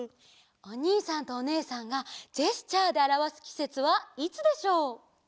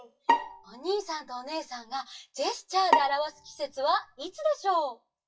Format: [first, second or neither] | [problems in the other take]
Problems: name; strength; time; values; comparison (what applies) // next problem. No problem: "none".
first | noise reduction (classical method WPE with log-MMSE)